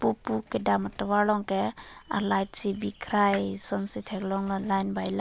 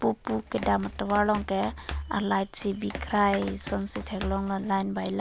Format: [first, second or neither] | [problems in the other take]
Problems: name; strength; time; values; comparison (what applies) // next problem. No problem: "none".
first | background sound (Run); 11 dB below the speech